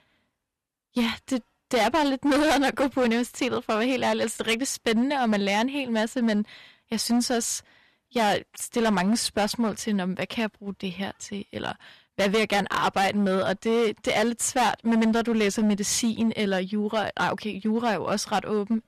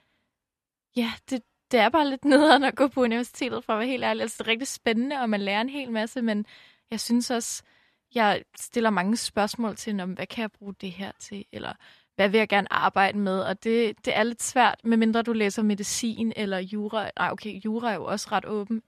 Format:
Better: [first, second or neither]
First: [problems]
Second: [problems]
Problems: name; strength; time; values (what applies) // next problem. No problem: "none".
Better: second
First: distortion; heavy; 11% of the sound clipped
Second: none